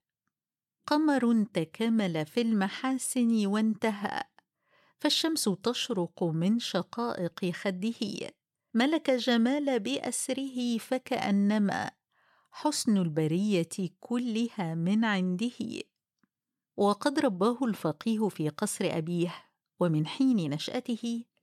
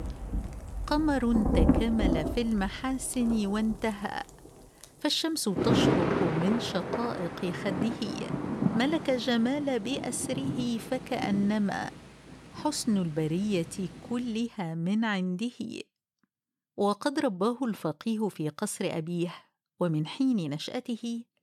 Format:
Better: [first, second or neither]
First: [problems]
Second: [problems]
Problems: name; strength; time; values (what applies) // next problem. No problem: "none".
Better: first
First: none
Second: rain or running water; loud; until 14 s; 2 dB below the speech